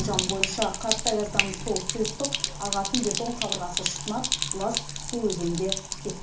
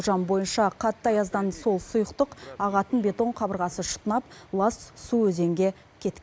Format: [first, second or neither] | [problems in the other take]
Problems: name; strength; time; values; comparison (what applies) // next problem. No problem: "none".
second | background sound (Sink (filling or washing)); as loud as the speech // room echo; dies away in 0.4 s